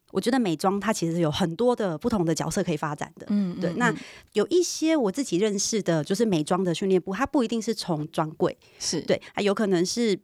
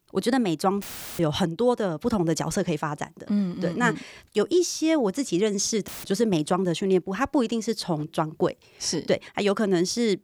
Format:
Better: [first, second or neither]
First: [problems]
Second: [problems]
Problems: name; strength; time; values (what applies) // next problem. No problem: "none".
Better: first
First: none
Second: audio cutting out; filled with static; at 1 s and at 6 s